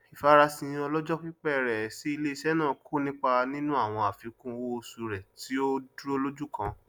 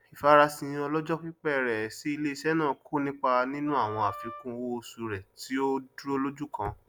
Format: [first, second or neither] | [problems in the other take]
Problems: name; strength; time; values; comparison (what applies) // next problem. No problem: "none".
first | background sound (Wind instrument, woodwind instrument); 15 dB below the speech